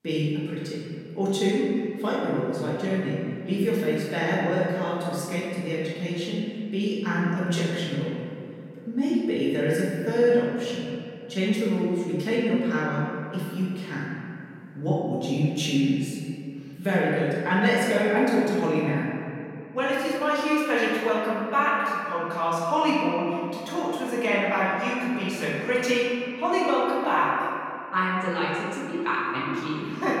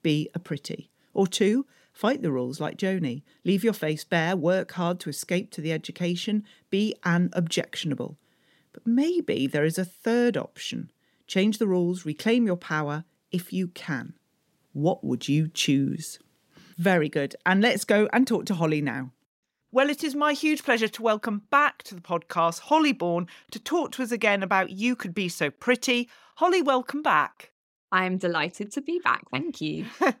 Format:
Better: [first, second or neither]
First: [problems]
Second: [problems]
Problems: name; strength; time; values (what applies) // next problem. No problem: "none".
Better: second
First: off-mic speech; far // room echo; strong; dies away in 2.4 s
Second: none